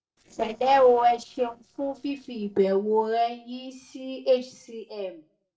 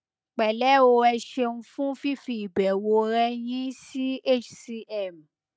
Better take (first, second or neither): second